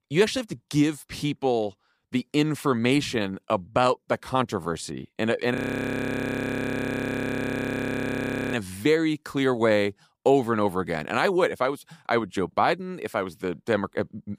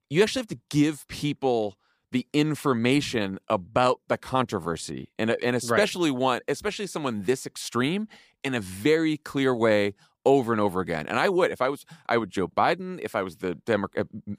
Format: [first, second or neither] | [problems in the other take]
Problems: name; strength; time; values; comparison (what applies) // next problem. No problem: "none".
second | audio freezing; at 5.5 s for 3 s